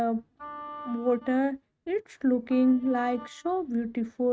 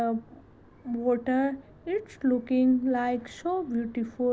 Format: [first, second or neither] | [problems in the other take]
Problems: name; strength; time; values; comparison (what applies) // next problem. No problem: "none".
second | noise reduction (neural mask model RNNoise)